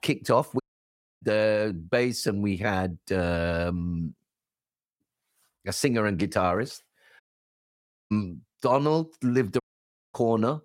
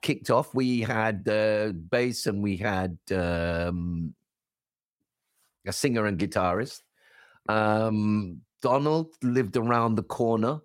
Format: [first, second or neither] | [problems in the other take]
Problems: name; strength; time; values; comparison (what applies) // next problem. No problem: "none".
second | audio cutting out; at 0.5 s for 0.5 s, at 7 s for 1 s and at 9.5 s for 0.5 s